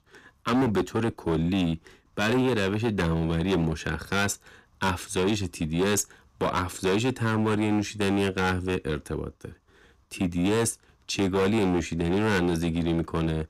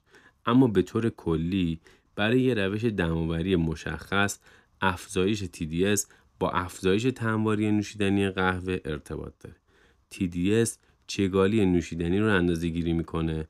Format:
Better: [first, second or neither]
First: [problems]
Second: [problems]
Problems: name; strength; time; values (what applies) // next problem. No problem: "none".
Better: second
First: distortion; heavy; 13% of the sound clipped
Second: none